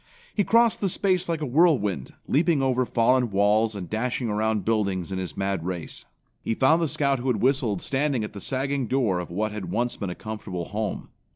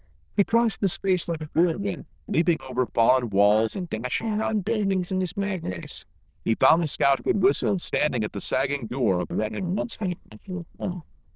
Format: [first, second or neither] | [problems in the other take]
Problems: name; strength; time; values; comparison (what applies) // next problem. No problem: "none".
first | noise reduction (neural diffusion model UNIVERSE++)